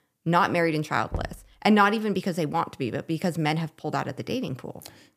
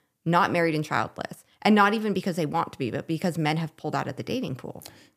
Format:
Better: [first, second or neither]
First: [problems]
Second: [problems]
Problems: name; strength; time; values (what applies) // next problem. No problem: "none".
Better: second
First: door banging; faint; at 1 s; peak 10 dB below the speech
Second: none